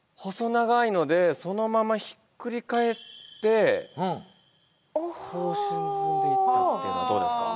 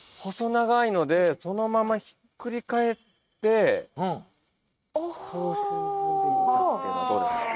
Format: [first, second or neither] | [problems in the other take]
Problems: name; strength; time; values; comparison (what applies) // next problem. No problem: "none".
first | noise reduction (neural mask model RNNoise)